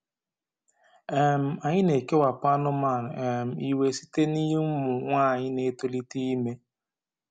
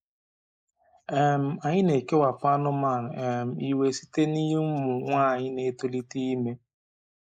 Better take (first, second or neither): first